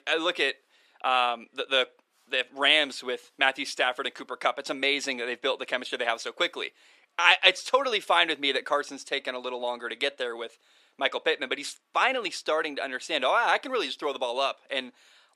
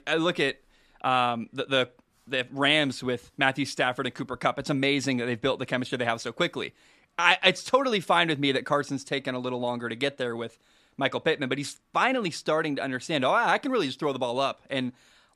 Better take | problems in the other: second | thin; somewhat; fading below 400 Hz

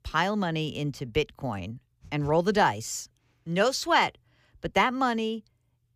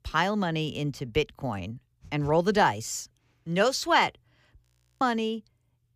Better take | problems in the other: first | audio freezing; at 4.5 s

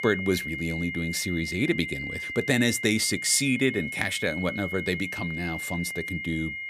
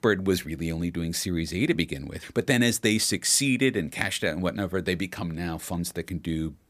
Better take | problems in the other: second | high-pitched whine; loud; throughout; 2 kHz, 5 dB below the speech

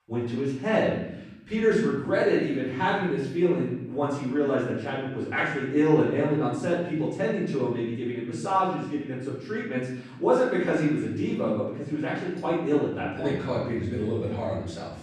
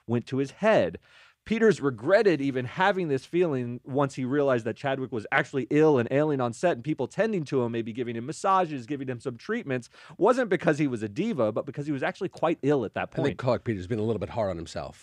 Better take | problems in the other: second | off-mic speech; far // room echo; noticeable; dies away in 0.9 s

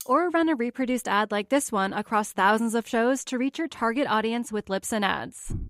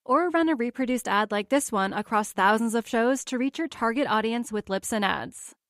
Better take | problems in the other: second | clattering dishes; faint; at the start; peak 15 dB below the speech // footsteps; very faint; at 5.5 s; peak 10 dB below the speech

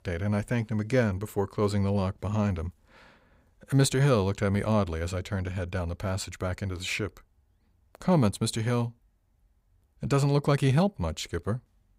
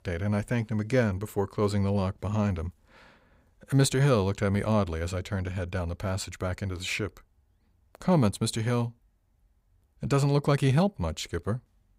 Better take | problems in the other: neither | none

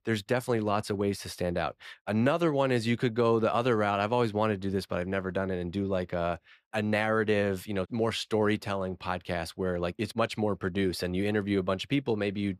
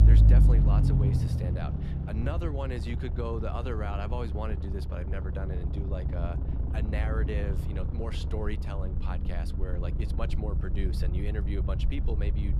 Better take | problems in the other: first | low rumble; loud; throughout; 4 dB below the speech

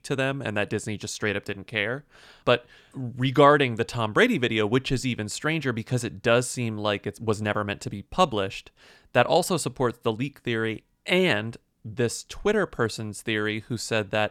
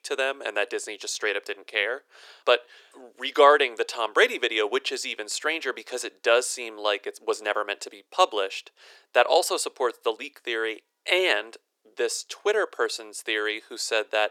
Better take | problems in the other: first | thin; very; fading below 350 Hz

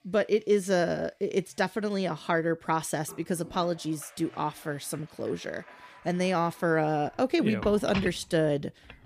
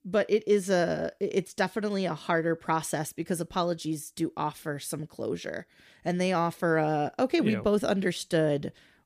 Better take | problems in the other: second | household noises; noticeable; throughout; 15 dB below the speech

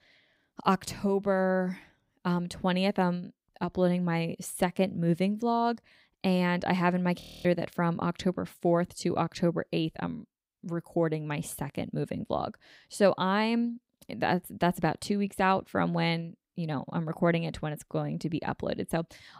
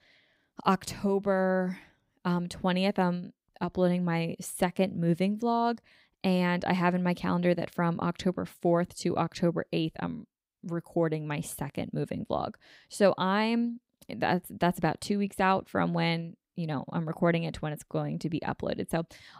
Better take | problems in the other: second | audio freezing; at 7 s

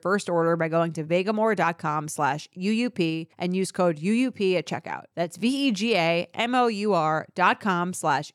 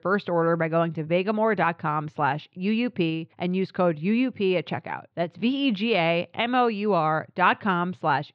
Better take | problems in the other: first | muffled; slightly; fading above 3.5 kHz

